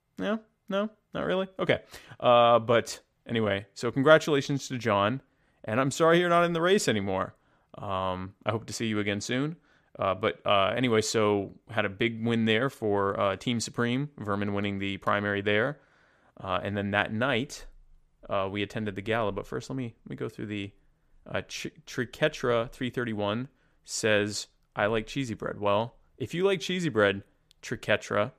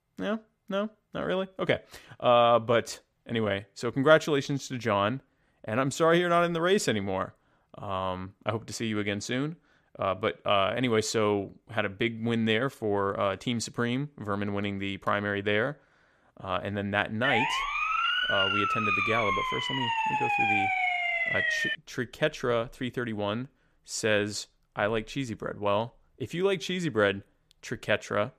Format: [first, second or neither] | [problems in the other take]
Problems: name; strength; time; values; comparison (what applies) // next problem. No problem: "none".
first | siren; loud; from 17 to 22 s; peak 5 dB above the speech